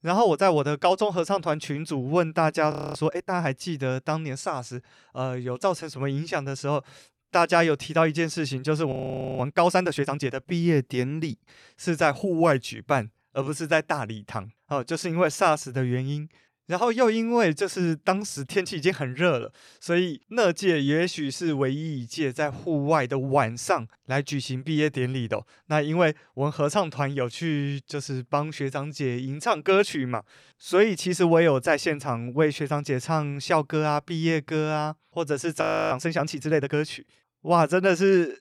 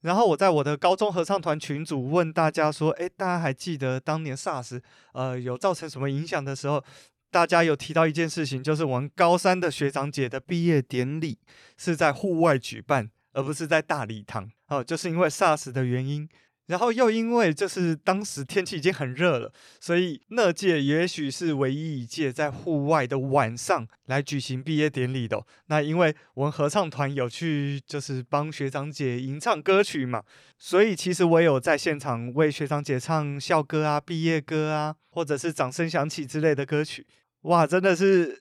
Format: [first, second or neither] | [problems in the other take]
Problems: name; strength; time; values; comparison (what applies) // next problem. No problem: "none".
second | audio freezing; at 2.5 s, at 9 s and at 36 s